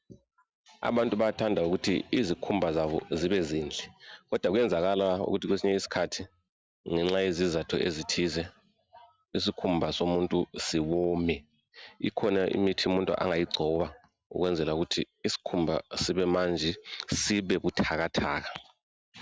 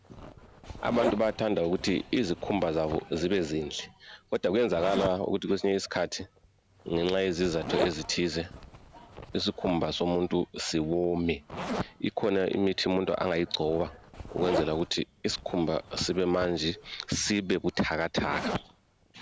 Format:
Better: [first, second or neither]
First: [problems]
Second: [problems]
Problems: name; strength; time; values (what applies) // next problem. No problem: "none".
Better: first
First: none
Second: background sound (Zipper (clothing)); 11 dB below the speech